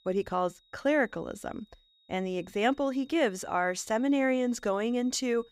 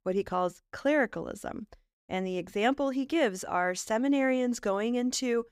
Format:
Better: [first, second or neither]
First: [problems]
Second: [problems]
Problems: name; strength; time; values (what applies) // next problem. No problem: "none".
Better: second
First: high-pitched whine; faint; throughout; 3.5 kHz, 35 dB below the speech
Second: none